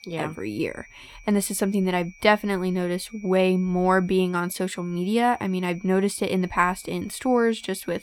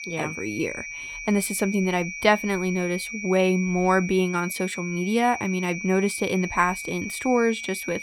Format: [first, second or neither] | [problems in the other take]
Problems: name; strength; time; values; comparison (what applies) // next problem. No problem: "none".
first | high-pitched whine; loud; throughout; 2.5 kHz, 8 dB below the speech; faint in the first